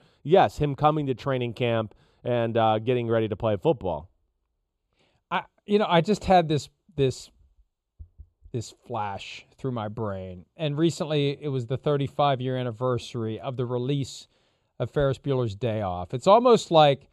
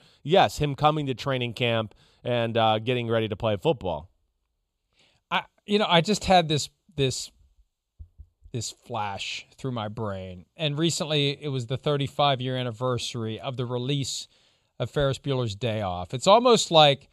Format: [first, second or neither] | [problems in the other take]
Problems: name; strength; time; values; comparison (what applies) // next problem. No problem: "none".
second | muffled; slightly; fading above 2 kHz